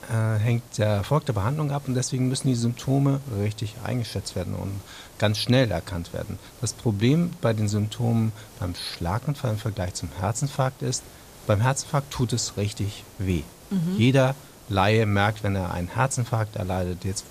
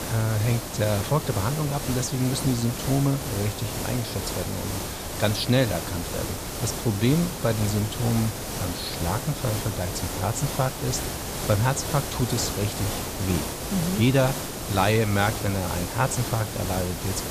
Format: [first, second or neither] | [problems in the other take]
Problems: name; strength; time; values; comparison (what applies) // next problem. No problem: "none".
first | hiss; loud; throughout; 4 dB below the speech; faint in the first